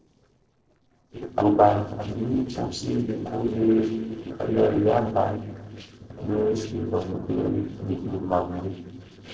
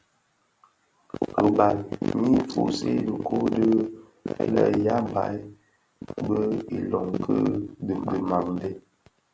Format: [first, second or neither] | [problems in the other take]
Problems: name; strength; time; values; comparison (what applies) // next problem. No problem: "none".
second | noise reduction (neural separator model SepFormer DNS4)